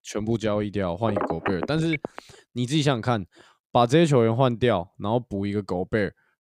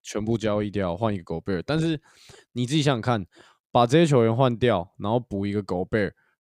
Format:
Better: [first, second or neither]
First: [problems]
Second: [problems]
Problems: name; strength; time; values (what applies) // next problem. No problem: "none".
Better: second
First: phone ringing; noticeable; from 1 to 2 s; peak 4 dB below the speech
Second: none